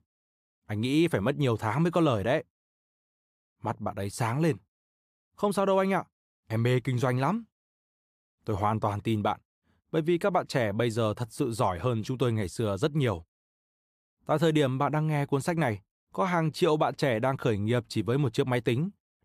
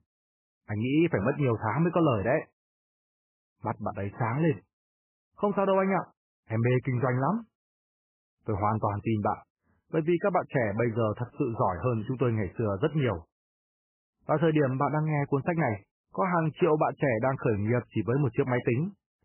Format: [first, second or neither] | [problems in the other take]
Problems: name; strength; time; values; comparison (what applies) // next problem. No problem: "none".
first | garbled, watery; badly; nothing above 3 kHz